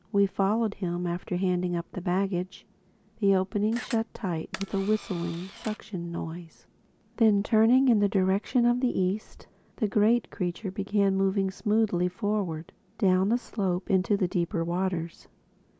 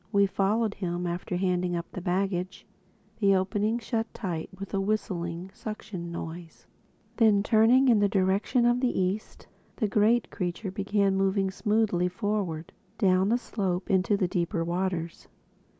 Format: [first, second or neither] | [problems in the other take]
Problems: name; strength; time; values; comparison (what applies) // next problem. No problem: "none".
second | background sound (Camera); 17 dB below the speech